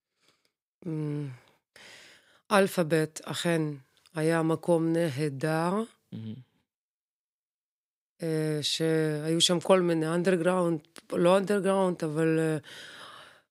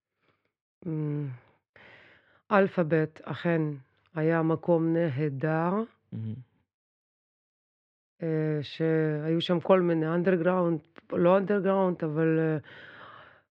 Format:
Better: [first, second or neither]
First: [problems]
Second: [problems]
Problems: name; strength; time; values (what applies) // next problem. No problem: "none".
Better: first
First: none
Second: muffled; very; fading above 2.5 kHz